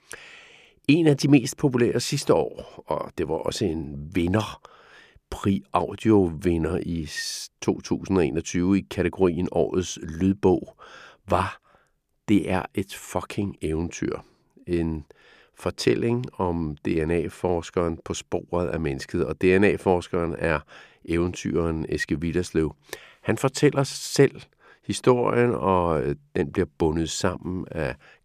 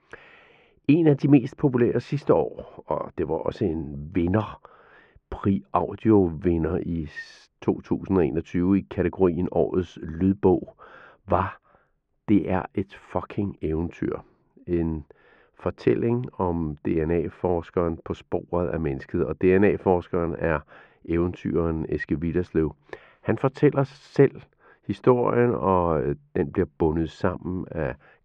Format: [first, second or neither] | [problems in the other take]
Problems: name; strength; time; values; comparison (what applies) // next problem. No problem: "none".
first | muffled; very; fading above 1.5 kHz